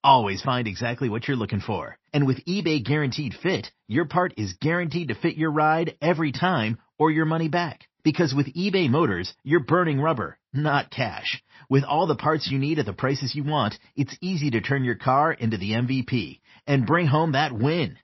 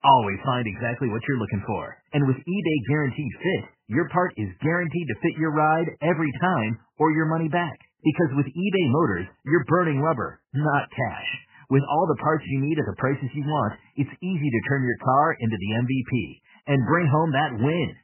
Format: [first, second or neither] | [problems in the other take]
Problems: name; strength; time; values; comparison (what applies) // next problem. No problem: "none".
first | garbled, watery; badly; nothing above 3 kHz; slightly in the first